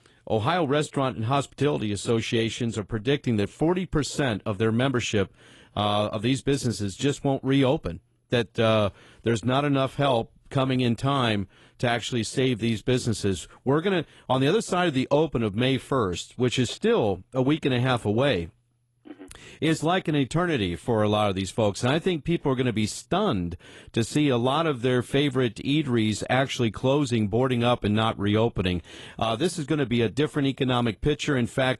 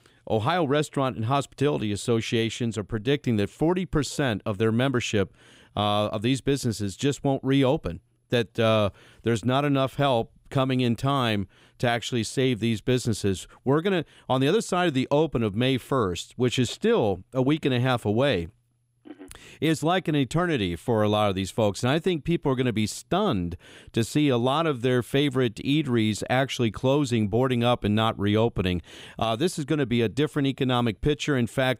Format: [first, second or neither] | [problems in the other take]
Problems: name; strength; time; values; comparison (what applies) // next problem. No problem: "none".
second | garbled, watery; slightly; nothing above 11.5 kHz